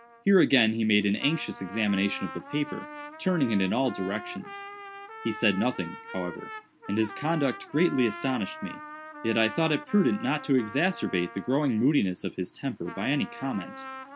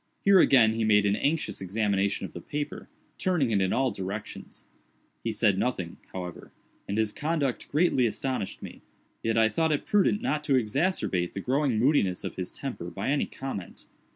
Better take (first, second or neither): second